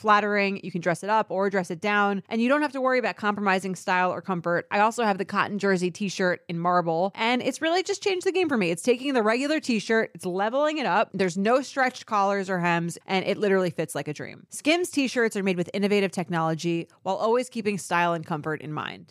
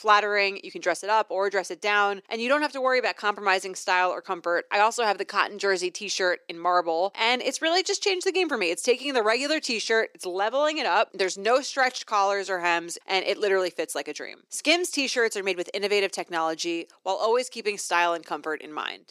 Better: first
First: none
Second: thin; somewhat; fading below 300 Hz

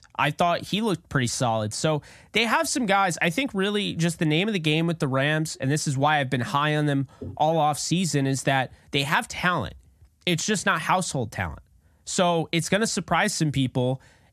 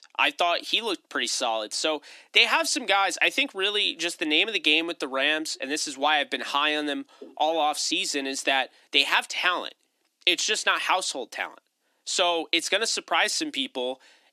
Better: first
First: none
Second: thin; somewhat; fading below 300 Hz

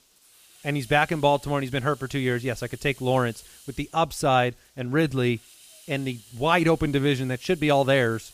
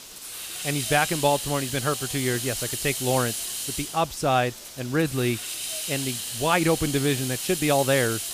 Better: first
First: hiss; faint; throughout; 25 dB below the speech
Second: hiss; loud; throughout; 4 dB below the speech

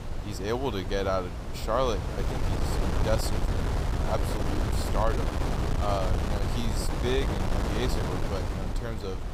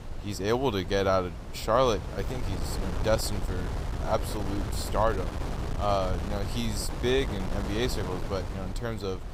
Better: second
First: wind noise on the microphone; heavy; 3 dB below the speech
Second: wind noise on the microphone; occasional gusts; 10 dB below the speech

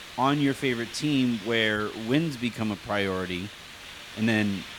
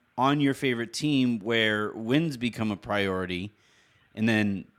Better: second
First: hiss; noticeable; throughout; 15 dB below the speech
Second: none

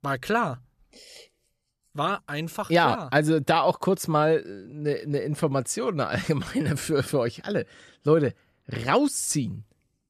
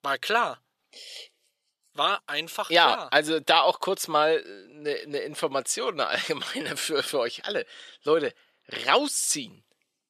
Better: first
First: none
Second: thin; somewhat; fading below 450 Hz

